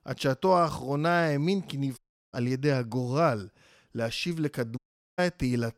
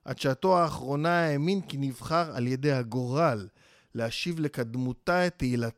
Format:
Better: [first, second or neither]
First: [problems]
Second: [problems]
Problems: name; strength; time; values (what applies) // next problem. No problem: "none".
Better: second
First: audio cutting out; at 2 s and at 5 s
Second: none